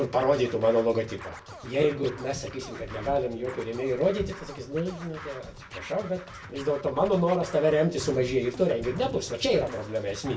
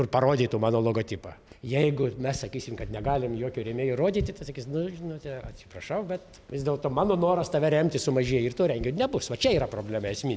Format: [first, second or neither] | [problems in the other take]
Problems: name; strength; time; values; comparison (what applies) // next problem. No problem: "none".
second | background sound (Scratching (performance technique)); 16 dB below the speech // room echo; dies away in 0.2 s